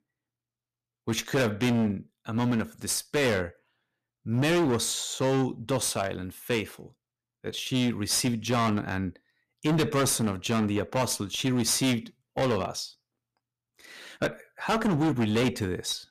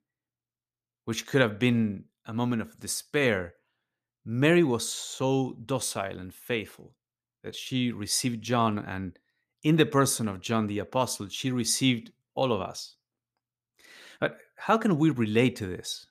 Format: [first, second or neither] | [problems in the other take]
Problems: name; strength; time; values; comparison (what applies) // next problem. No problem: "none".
second | distortion; heavy; 14% of the sound clipped